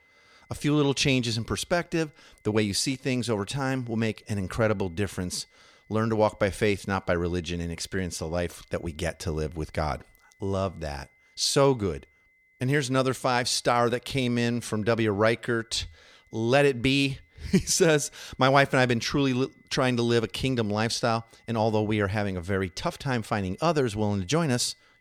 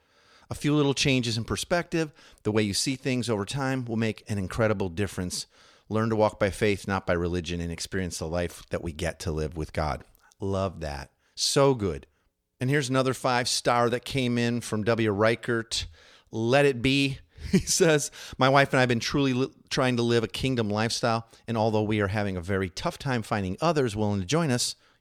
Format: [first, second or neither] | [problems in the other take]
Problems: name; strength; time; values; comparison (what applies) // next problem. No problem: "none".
second | high-pitched whine; faint; throughout; 2 kHz, 35 dB below the speech